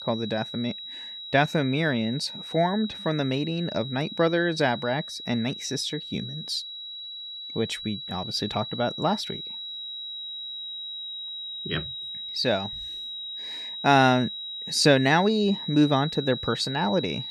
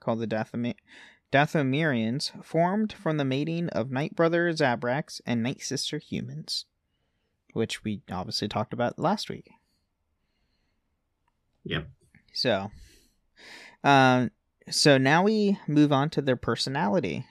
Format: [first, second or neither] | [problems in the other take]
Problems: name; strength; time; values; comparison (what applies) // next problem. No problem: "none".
second | high-pitched whine; loud; throughout; 4 kHz, 8 dB below the speech